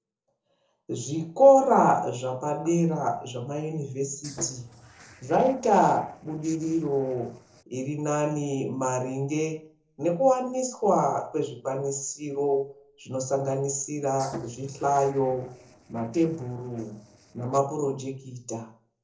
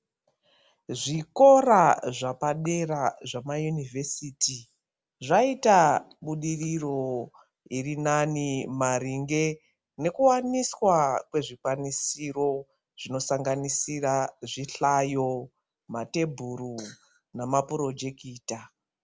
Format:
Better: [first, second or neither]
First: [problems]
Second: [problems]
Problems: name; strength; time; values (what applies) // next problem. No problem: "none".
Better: second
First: noise reduction (neural separator model SepFormer DNS4)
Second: none